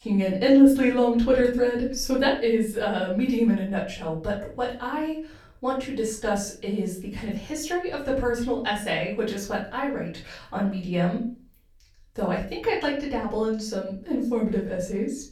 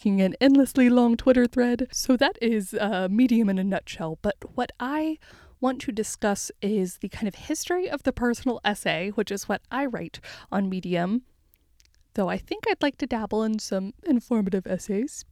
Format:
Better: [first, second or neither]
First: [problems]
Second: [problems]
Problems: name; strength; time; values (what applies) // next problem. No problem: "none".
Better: second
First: off-mic speech; far // room echo; slight; dies away in 0.3 s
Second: none